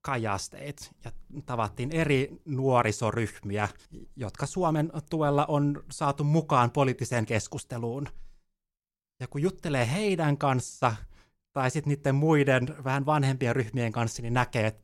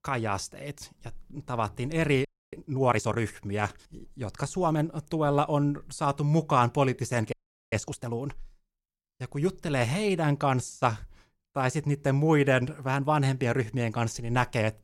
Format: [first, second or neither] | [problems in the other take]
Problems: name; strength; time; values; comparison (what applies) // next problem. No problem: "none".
first | audio freezing; at 2.5 s and at 7.5 s